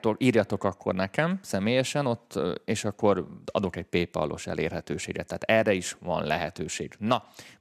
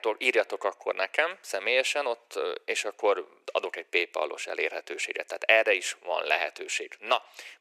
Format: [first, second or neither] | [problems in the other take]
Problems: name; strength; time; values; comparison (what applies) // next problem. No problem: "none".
first | thin; very; fading below 400 Hz